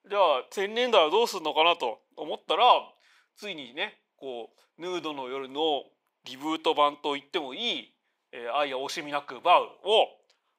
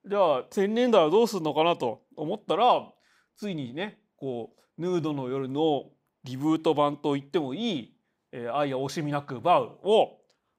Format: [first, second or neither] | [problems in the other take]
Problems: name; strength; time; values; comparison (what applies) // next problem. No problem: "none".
second | thin; somewhat; fading below 500 Hz